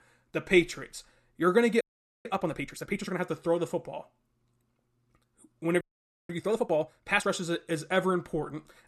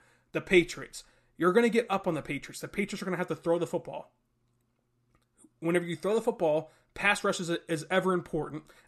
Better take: second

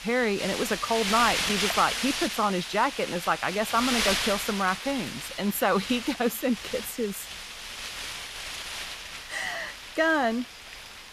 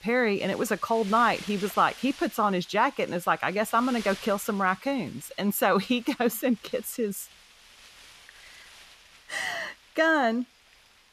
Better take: second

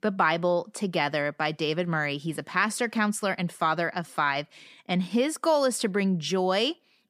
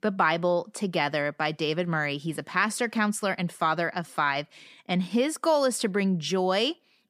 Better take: neither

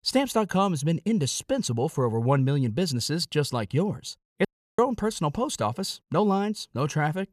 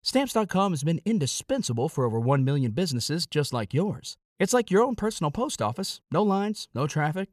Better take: second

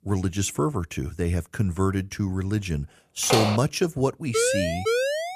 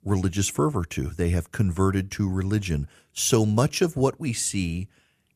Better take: second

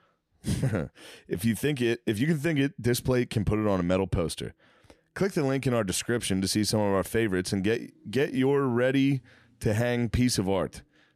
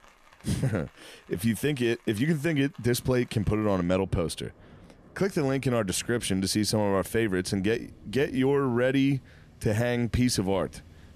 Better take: first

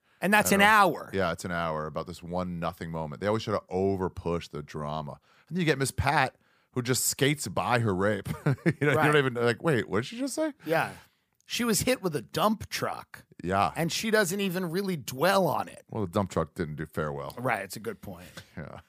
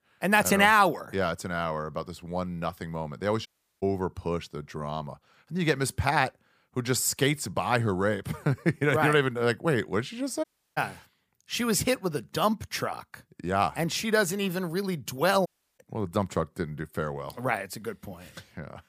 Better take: first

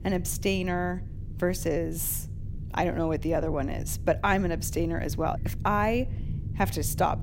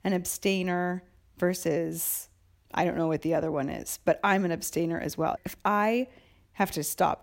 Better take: second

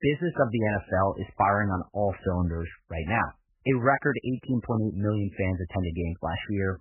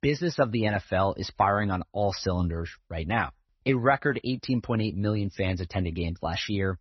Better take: second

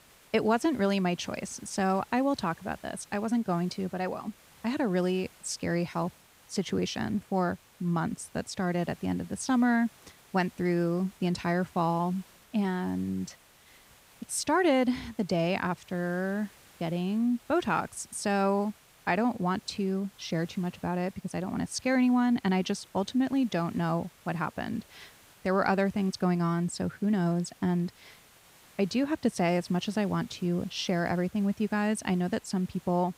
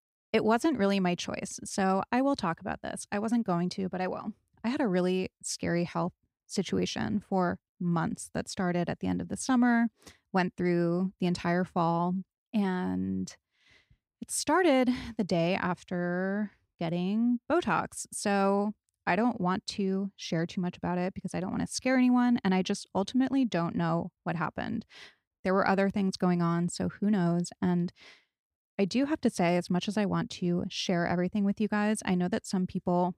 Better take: second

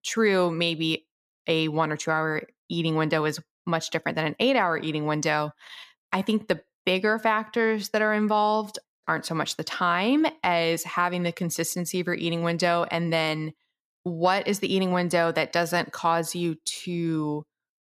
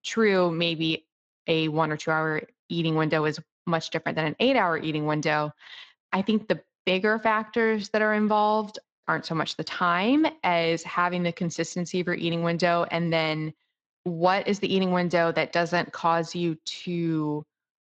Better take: first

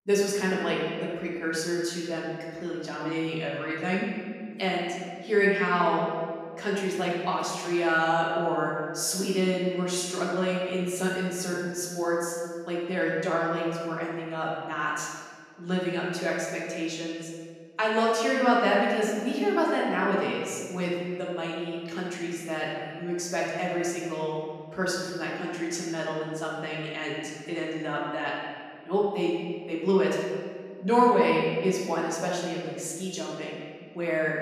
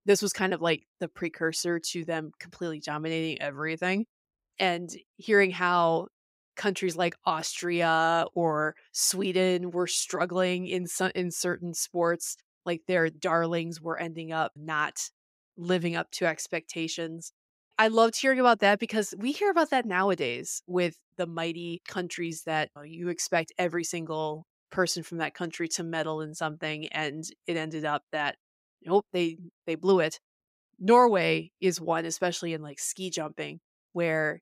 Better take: second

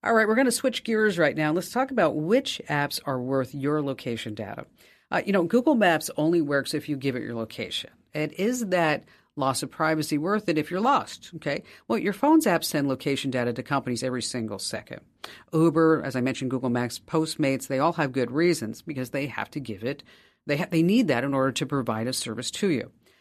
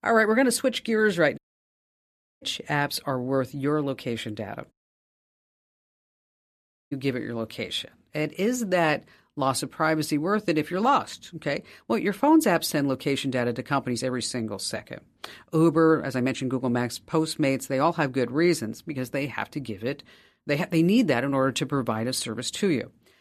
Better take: first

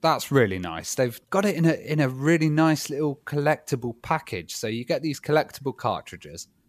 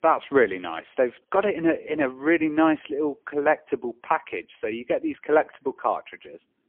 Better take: first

